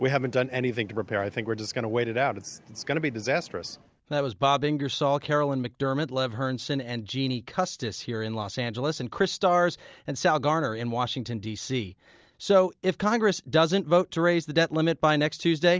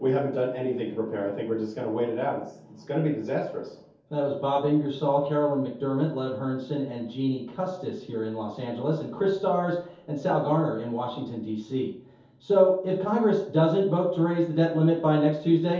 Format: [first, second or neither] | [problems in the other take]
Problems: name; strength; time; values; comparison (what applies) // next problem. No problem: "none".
first | room echo; dies away in 0.6 s